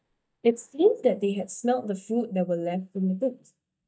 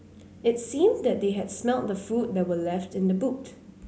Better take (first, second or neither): second